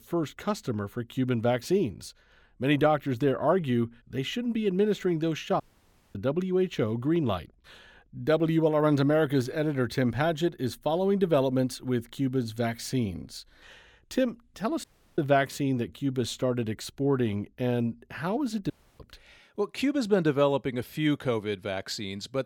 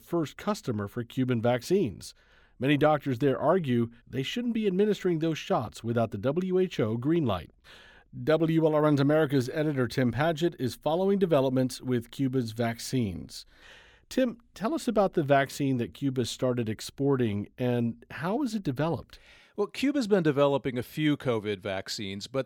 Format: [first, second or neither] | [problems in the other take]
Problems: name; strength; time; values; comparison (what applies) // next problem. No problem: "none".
second | audio cutting out; at 5.5 s for 0.5 s, at 15 s and at 19 s